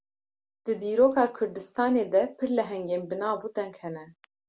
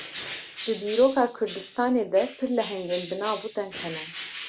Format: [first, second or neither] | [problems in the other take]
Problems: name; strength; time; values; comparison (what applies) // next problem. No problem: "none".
first | background sound (Bird); 13 dB below the speech